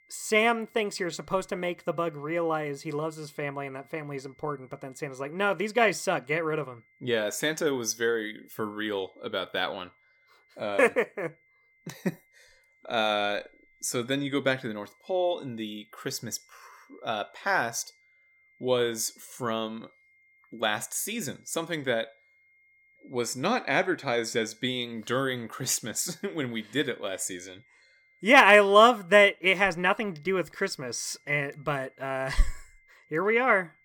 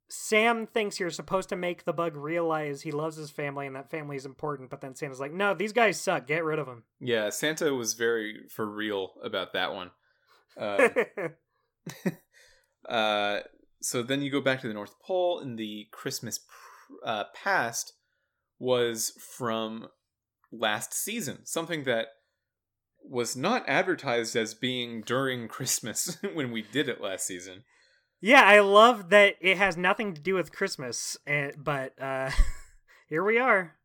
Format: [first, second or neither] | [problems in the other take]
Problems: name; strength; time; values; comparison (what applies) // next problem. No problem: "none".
second | high-pitched whine; faint; throughout; 2 kHz, 35 dB below the speech